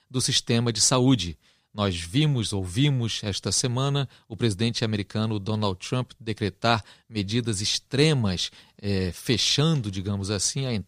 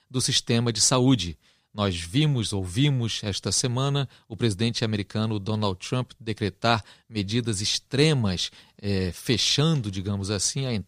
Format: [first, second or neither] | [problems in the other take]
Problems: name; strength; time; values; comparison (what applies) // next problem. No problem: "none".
neither | none